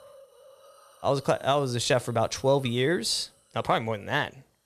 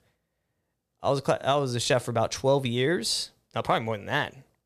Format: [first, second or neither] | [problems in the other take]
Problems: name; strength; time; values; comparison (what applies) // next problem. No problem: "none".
second | hiss; faint; throughout; 30 dB below the speech